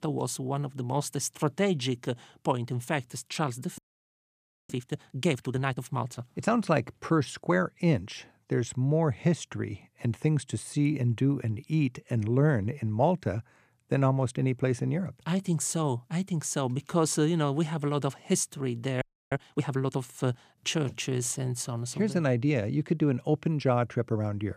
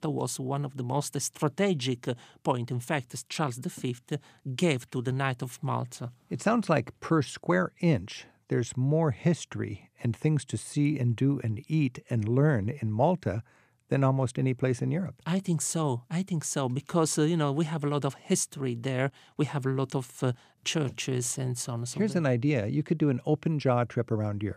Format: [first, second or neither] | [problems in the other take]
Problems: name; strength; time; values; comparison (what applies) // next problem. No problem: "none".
second | audio freezing; at 4 s for 1 s and at 19 s